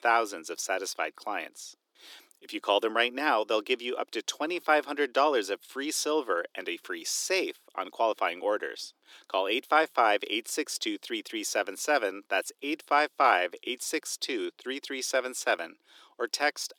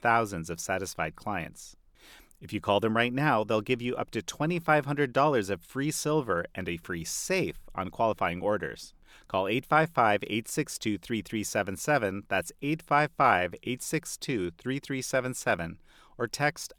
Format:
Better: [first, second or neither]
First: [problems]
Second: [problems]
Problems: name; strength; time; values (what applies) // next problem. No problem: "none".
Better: second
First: thin; somewhat; fading below 300 Hz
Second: none